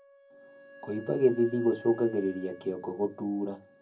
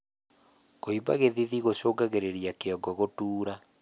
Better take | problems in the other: second | background sound (Wind instrument, woodwind instrument); 20 dB below the speech // room echo; dies away in 0.4 s

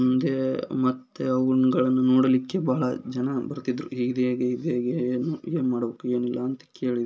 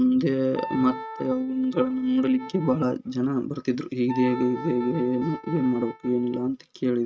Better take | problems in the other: first | noise reduction (neural mask model RNNoise)

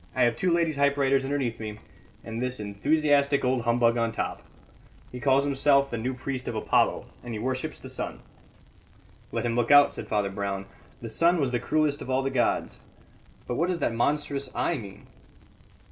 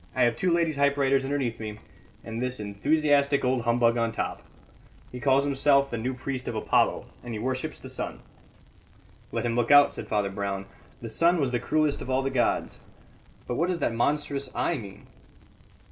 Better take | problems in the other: first | background sound (Boom); 14 dB below the speech

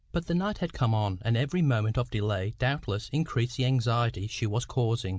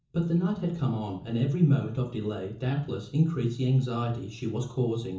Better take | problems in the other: first | room echo; dies away in 0.6 s

